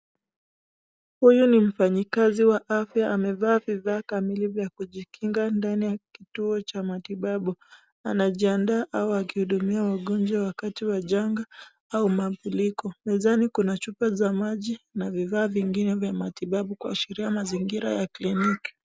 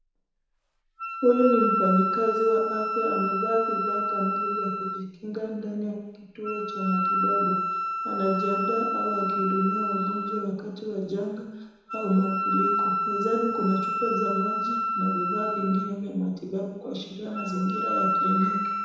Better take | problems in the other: first | background sound (Wind instrument, woodwind instrument); 1 dB below the speech // room echo; dies away in 1 s

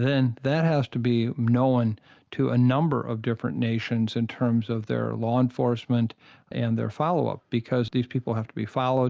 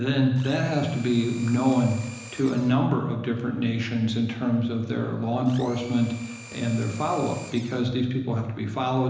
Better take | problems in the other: first | background sound (Domestic sounds, home sounds); 19 dB below the speech // room echo; dies away in 1 s

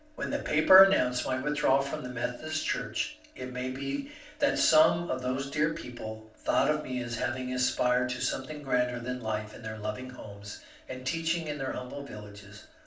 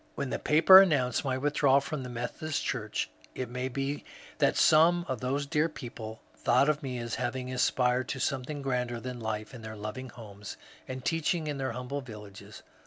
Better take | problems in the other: second | room echo; dies away in 0.4 s

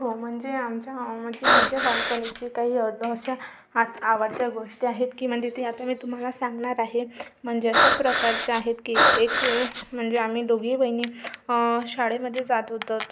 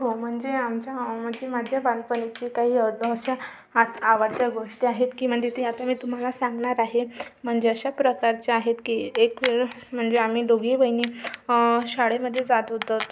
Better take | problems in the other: second | background sound (Breathing); 4 dB above the speech

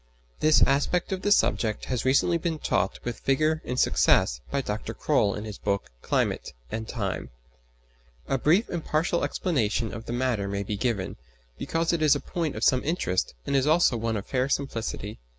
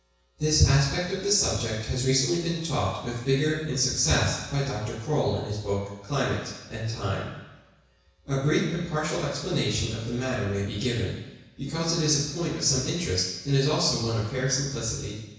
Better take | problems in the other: first | room echo; dies away in 1.1 s

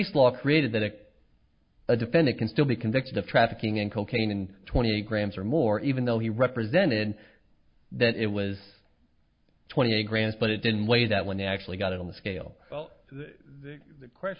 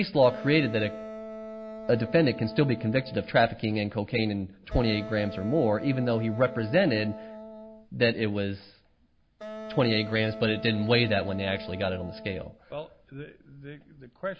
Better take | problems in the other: first | background sound (Wind instrument, woodwind instrument); 13 dB below the speech

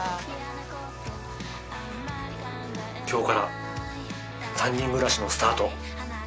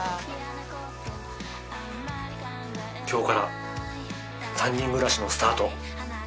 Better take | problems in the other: second | background sound (Motorcycle); 18 dB below the speech

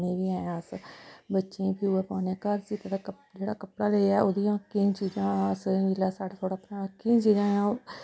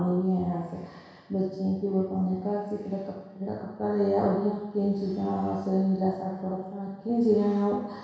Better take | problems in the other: first | room echo; dies away in 1.1 s

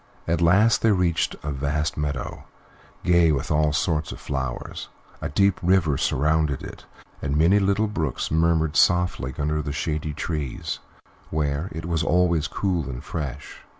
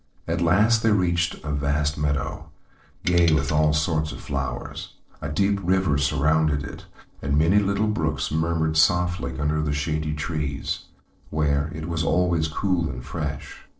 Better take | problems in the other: first | noise reduction (neural separator model SepFormer DNS4)

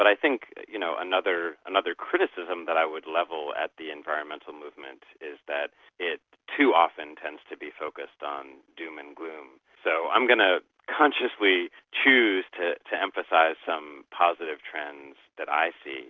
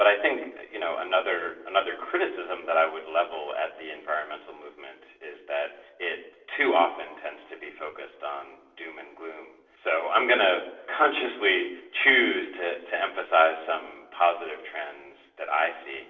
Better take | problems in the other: first | room echo; dies away in 0.8 s

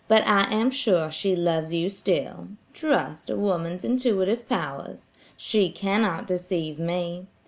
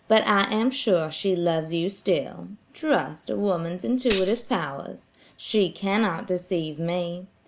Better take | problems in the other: first | background sound (Tambourine); 9 dB below the speech

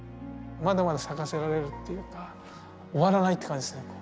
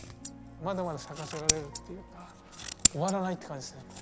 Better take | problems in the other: first | background sound (Scissors); 2 dB above the speech

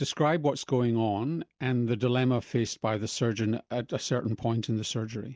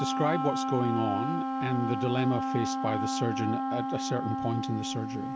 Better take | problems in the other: first | background sound (Wind instrument, woodwind instrument); as loud as the speech

